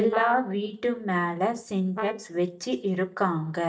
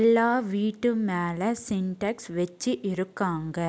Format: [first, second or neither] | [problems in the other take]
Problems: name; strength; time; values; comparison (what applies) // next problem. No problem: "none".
second | noise reduction (neural mask model DeepFilterNet 3)